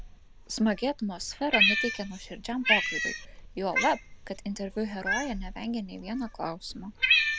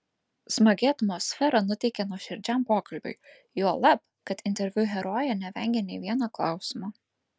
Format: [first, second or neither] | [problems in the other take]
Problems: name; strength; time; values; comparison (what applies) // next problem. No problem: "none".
second | background sound (Cat); 1 dB above the speech